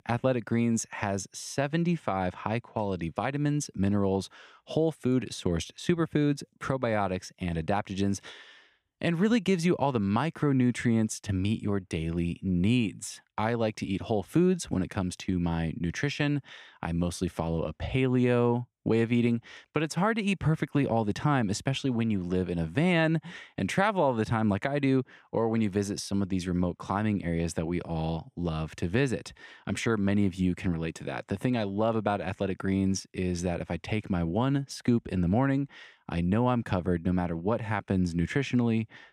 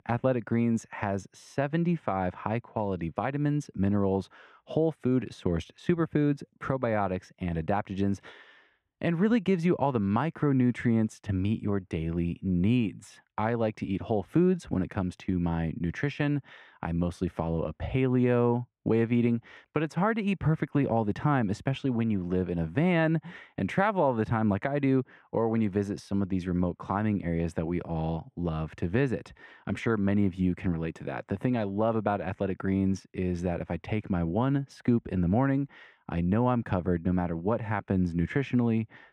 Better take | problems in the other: first | muffled; slightly; fading above 3 kHz

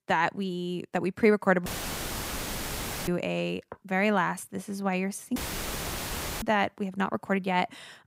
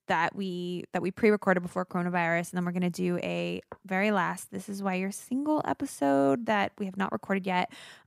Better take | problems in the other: second | audio cutting out; filled with static; at 1.5 s for 1.5 s and at 5.5 s for 1 s

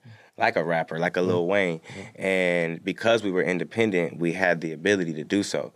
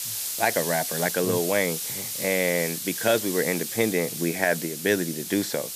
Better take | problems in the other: first | hiss; loud; throughout; 4 dB below the speech

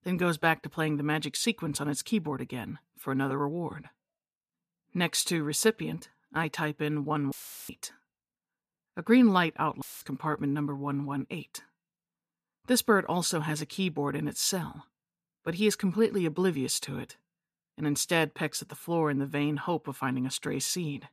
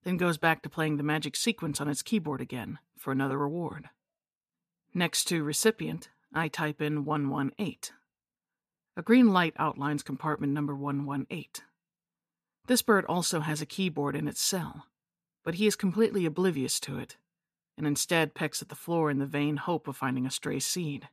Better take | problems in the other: second | audio cutting out; filled with static; at 7.5 s and at 10 s

